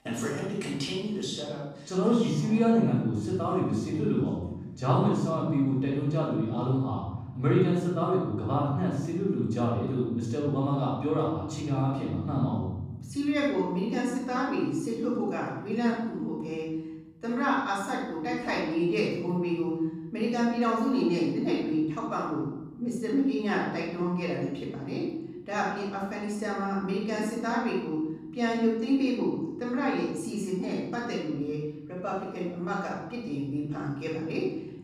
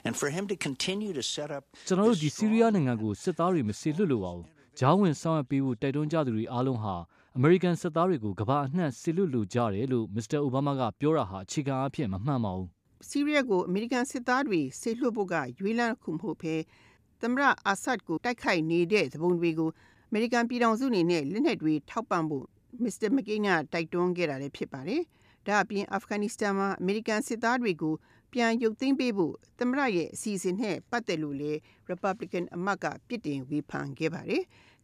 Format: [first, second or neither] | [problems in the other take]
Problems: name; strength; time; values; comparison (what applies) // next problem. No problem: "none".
second | off-mic speech; far // room echo; noticeable; dies away in 1.5 s